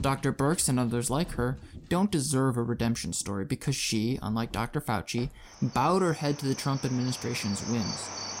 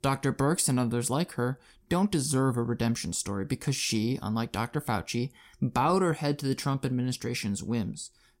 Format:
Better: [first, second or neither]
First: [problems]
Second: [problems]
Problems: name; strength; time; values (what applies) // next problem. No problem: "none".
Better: second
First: animal sounds; noticeable; throughout; 15 dB below the speech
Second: none